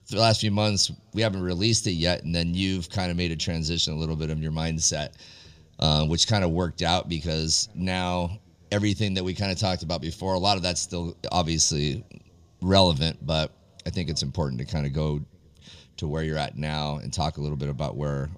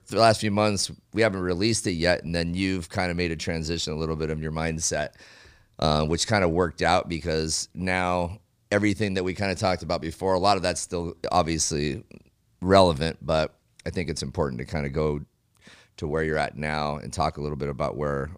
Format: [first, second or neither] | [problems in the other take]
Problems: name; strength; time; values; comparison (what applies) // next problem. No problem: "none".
second | room echo; very slight; dies away in 3 s